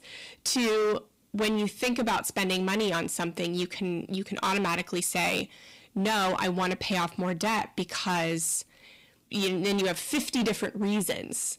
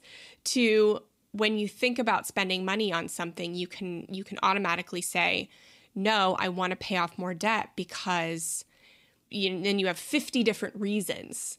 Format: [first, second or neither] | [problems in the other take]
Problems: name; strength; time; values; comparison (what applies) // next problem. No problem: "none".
second | distortion; heavy; 16% of the sound clipped